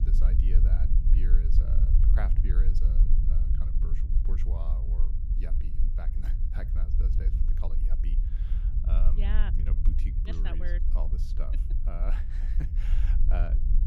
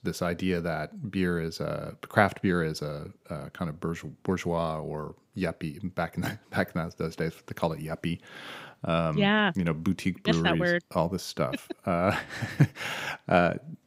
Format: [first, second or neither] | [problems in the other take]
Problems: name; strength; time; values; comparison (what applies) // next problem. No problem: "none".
second | low rumble; loud; throughout; 3 dB below the speech